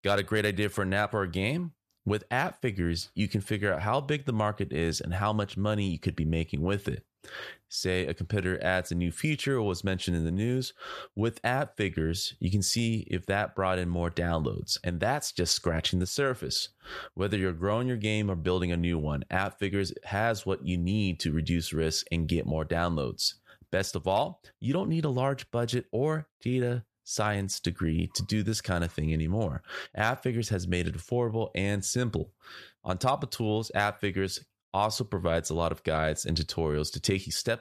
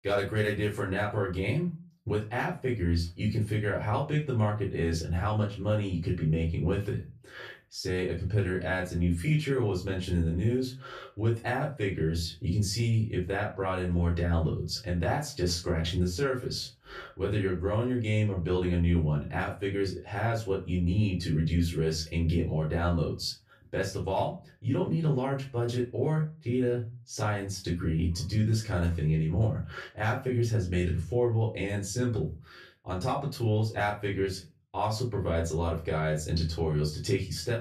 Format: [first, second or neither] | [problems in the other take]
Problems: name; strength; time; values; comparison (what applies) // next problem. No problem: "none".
first | off-mic speech; far // room echo; very slight; dies away in 0.3 s